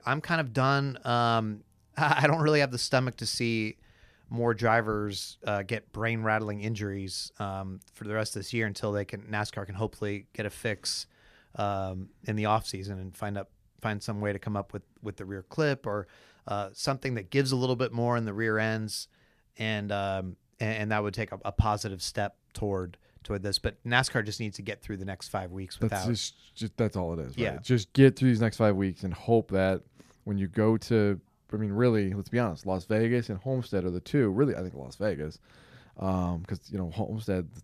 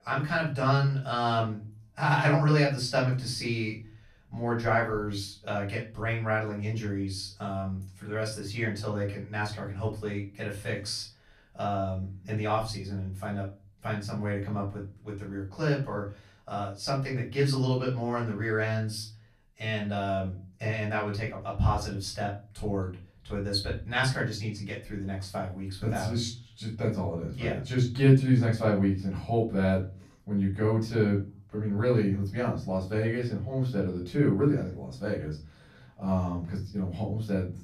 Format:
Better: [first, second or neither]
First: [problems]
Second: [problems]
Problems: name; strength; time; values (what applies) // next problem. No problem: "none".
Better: first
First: none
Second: off-mic speech; far // room echo; slight; dies away in 0.3 s